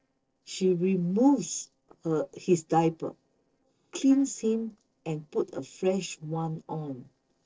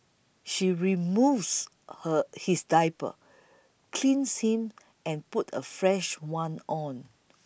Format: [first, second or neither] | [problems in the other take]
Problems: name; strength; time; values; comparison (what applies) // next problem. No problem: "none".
second | noise reduction (neural separator model SepFormer DNS4)